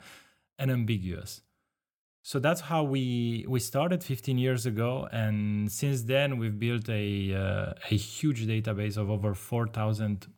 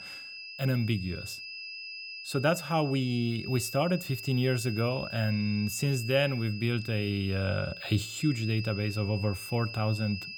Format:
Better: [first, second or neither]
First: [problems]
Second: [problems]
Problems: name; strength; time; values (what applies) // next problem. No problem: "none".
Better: first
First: none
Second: high-pitched whine; loud; throughout; 2.5 kHz, 10 dB below the speech